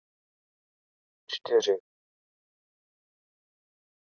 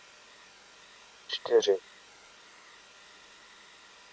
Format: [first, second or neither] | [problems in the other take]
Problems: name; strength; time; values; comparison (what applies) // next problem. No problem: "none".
first | background sound (Domestic sounds, home sounds); 19 dB below the speech